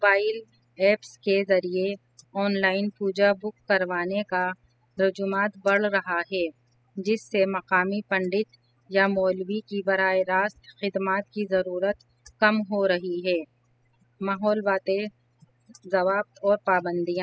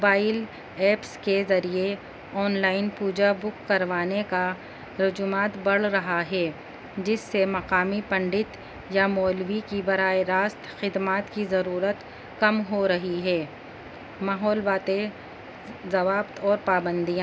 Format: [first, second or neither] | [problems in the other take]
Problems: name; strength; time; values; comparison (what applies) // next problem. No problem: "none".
second | noise reduction (classical method spectral subtraction)